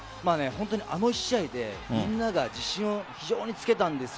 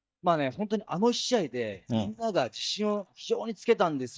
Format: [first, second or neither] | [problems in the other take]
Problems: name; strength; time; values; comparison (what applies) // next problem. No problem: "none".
first | noise reduction (neural mask model DeepFilterNet 3)